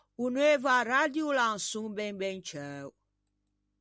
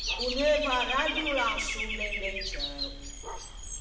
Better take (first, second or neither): first